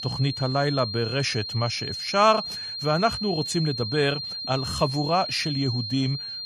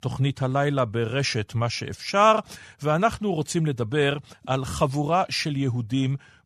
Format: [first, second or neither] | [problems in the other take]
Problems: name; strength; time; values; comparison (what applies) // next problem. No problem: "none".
second | high-pitched whine; loud; throughout; 4 kHz, 5 dB below the speech